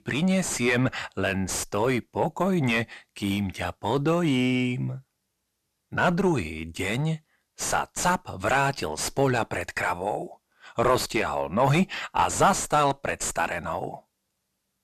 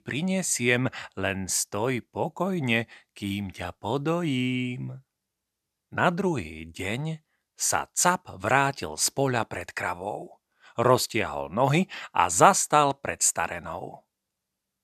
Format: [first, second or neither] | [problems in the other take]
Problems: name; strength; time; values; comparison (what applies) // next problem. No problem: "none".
second | distortion; heavy; 4 dB below the speech